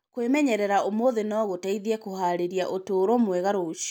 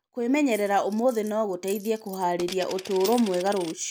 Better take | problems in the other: first | background sound (Coin (dropping)); 17 dB below the speech

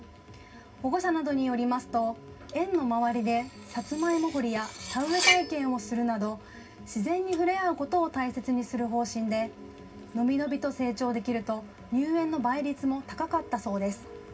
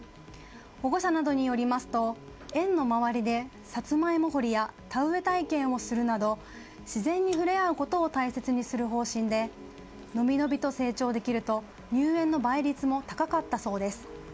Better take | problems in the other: second | background sound (Cutlery, silverware); 4 dB below the speech // room echo; dies away in 0.4 s

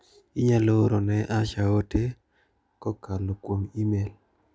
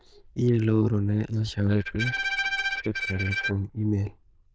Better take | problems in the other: first | noise reduction (neural diffusion model UNIVERSE++)

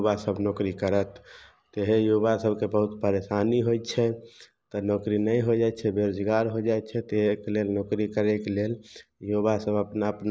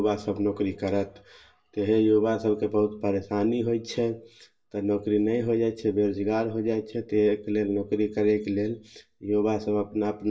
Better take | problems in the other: first | room echo; dies away in 0.2 s

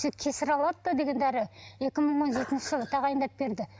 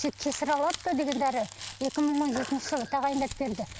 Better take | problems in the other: first | background sound (Crumpling, crinkling); 14 dB below the speech

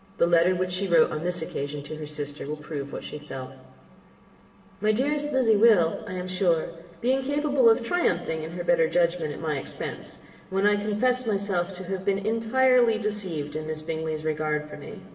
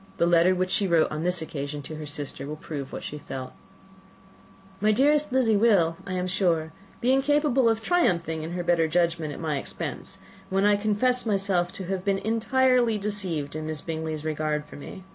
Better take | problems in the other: second | room echo; dies away in 1.9 s

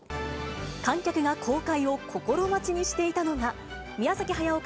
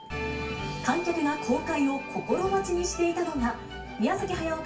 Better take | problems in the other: first | background sound (Doorbell); 14 dB below the speech // room echo; dies away in 0.3 s

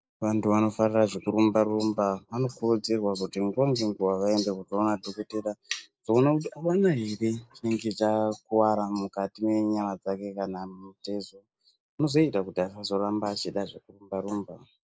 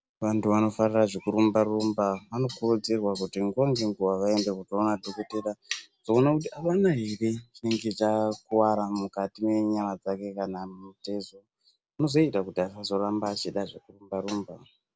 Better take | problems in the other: second | noise reduction (neural mask model Resemble Enhance denoiser)

